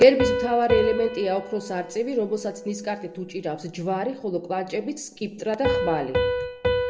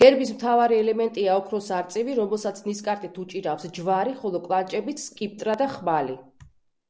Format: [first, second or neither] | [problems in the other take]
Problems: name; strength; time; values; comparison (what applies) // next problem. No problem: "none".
second | background sound (Piano); 4 dB below the speech // room echo; dies away in 0.6 s